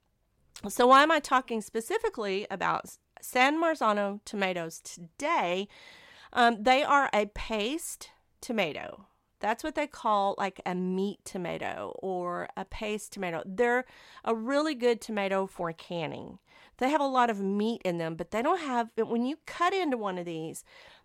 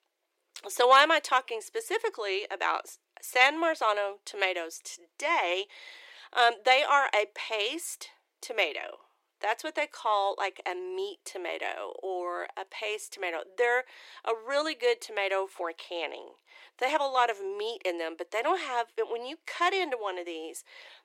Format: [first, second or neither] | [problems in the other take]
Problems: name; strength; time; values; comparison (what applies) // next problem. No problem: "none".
first | thin; very; fading below 350 Hz